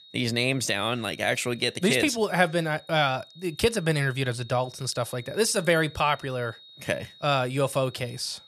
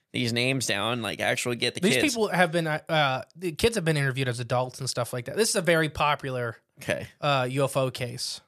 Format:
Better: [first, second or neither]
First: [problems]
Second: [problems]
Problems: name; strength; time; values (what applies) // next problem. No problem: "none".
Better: second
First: high-pitched whine; faint; throughout; 4 kHz, 20 dB below the speech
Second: none